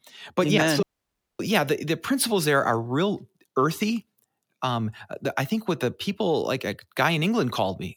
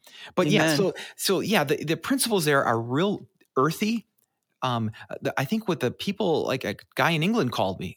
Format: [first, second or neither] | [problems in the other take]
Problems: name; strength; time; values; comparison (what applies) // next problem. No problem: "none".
second | audio cutting out; at 1 s for 0.5 s